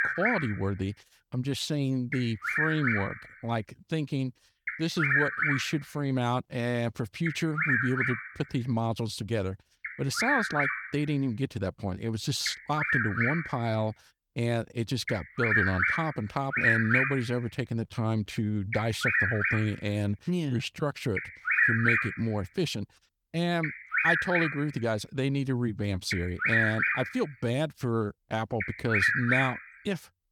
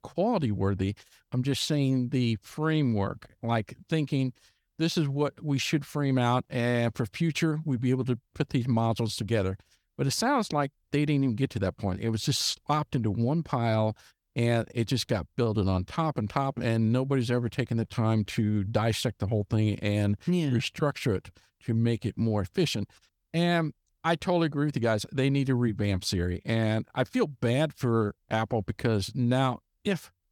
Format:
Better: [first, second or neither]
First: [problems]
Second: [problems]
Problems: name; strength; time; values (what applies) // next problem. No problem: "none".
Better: second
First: animal sounds; very loud; throughout; 3 dB above the speech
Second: none